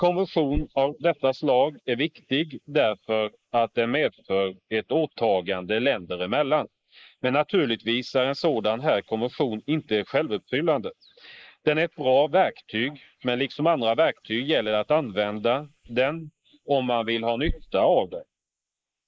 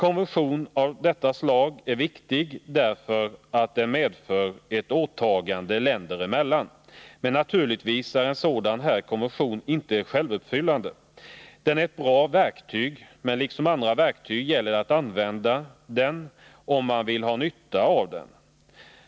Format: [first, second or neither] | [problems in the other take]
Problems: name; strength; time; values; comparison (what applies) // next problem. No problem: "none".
second | noise reduction (neural mask model Resemble Enhance denoiser)